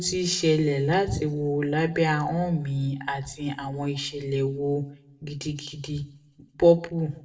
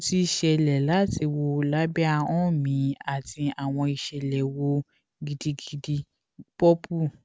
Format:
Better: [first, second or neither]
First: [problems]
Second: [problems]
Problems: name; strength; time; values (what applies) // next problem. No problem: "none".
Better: second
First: room echo; dies away in 0.6 s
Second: none